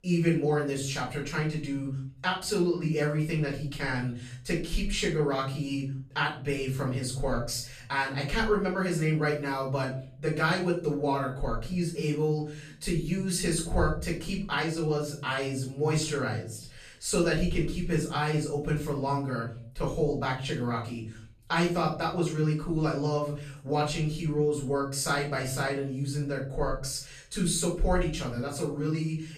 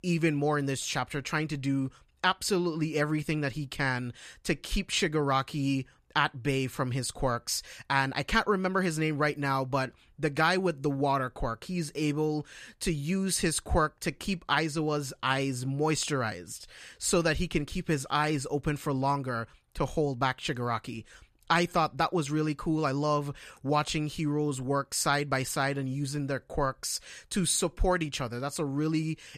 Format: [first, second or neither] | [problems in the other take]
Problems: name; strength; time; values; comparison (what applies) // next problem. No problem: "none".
second | room echo; slight; dies away in 0.5 s // off-mic speech; far